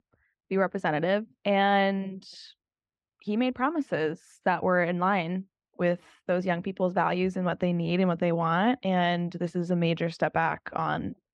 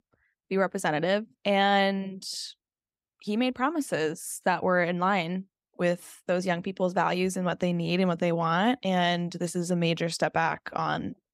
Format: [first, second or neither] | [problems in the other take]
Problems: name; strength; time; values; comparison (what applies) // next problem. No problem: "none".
second | muffled; slightly; fading above 3 kHz